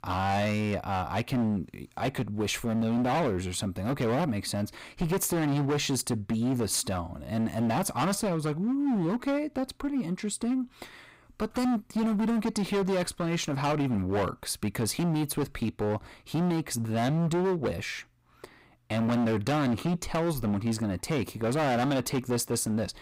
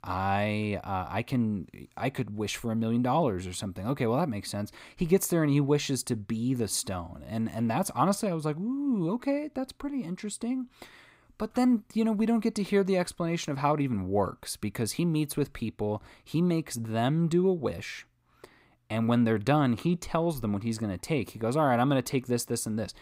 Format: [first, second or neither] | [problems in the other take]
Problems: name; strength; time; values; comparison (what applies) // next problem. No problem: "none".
second | distortion; heavy; 19% of the sound clipped